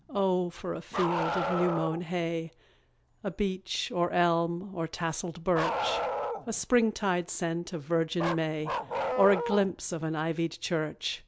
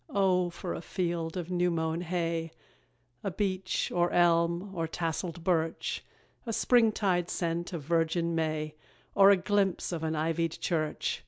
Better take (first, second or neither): second